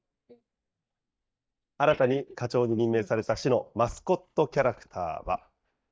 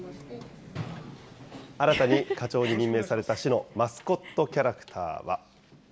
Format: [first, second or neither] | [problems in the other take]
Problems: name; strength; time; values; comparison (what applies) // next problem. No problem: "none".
second | noise reduction (neural mask model DeepFilterNet 3)